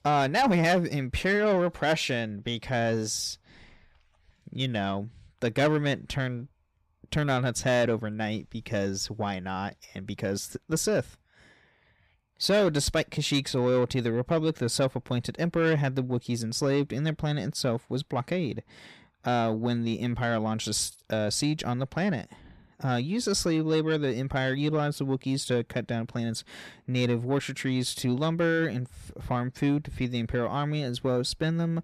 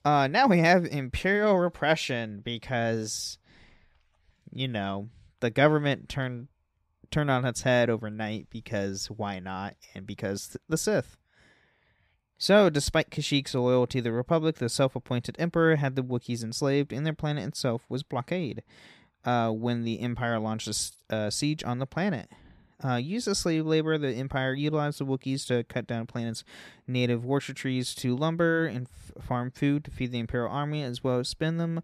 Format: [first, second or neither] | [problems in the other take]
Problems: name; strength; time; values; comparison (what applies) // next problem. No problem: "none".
second | distortion; slight; 10 dB below the speech